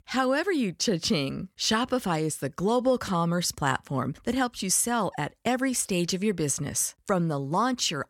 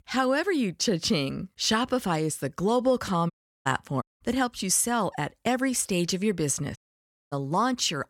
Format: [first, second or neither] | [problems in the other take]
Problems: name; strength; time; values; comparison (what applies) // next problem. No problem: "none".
first | audio cutting out; at 3.5 s, at 4 s and at 7 s for 0.5 s